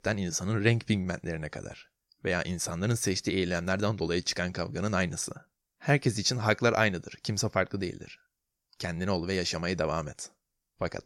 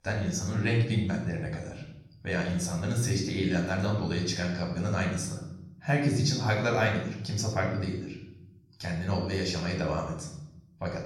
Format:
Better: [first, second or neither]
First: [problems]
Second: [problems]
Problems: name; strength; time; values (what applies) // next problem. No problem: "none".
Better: first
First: none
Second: off-mic speech; far // room echo; noticeable; dies away in 1 s